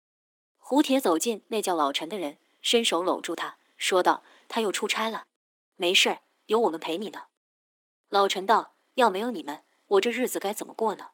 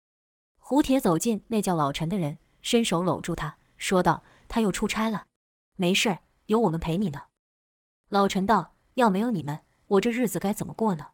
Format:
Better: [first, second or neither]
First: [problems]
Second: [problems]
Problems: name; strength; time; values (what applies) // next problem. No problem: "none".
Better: second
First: thin; somewhat; fading below 250 Hz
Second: none